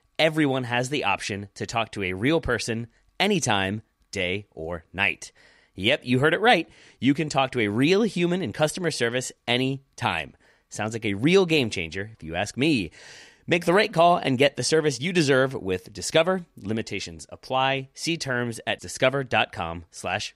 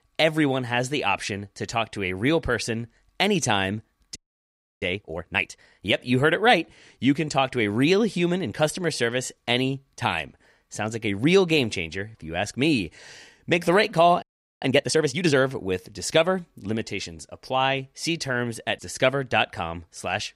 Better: first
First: none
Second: audio freezing; at 4 s for 0.5 s and at 14 s

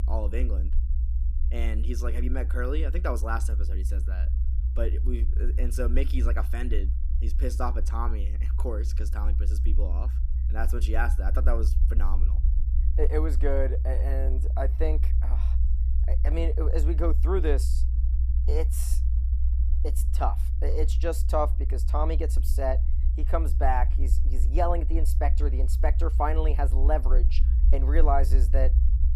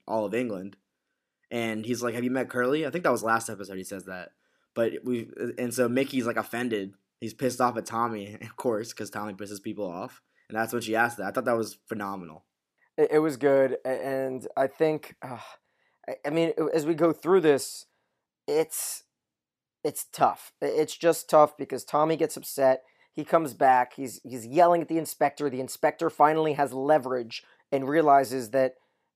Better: second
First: low rumble; noticeable; throughout; 15 dB below the speech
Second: none

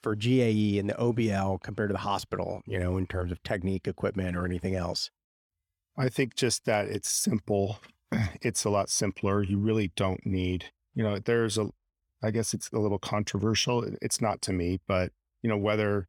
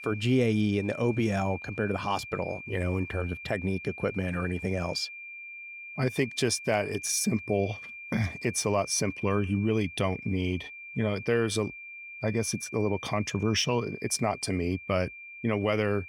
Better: first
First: none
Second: high-pitched whine; noticeable; throughout; 2.5 kHz, 10 dB below the speech

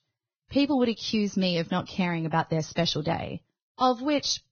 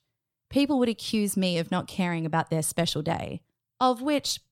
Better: second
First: garbled, watery; badly; nothing above 6.5 kHz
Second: none

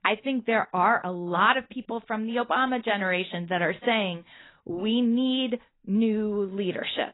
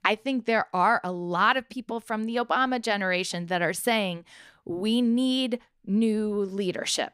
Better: second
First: garbled, watery; badly; nothing above 4 kHz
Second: none

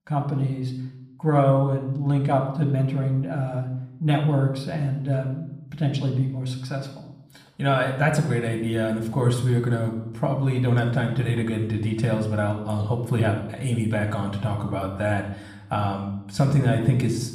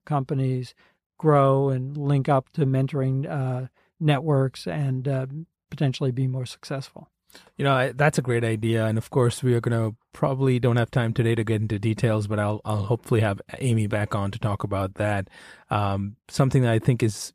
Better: second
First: room echo; slight; dies away in 0.7 s // off-mic speech; somewhat distant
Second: none

